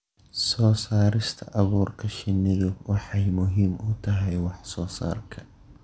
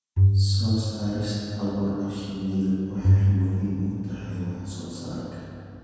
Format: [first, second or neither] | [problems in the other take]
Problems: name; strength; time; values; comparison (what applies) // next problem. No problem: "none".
first | background sound (Bowed string instrument); 3 dB above the speech // room echo; dies away in 2 s